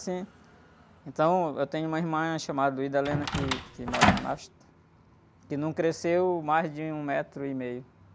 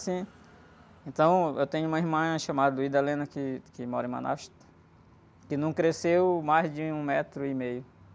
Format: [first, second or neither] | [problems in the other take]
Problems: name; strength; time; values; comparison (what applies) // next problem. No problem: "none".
second | background sound (Door); 3 dB above the speech